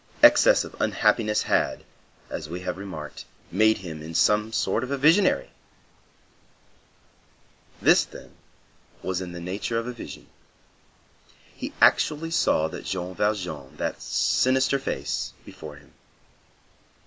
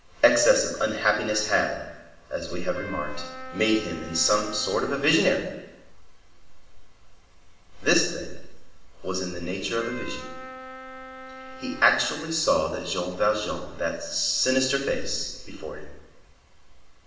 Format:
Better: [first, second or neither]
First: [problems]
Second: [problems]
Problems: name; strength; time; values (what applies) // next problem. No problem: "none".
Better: first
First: none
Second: background sound (Wind instrument, woodwind instrument); 14 dB below the speech // room echo; dies away in 0.9 s